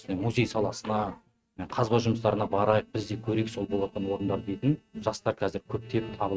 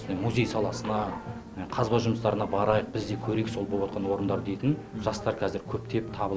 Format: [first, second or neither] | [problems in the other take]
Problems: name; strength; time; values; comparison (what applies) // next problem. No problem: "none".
second | noise reduction (neural mask model RNNoise)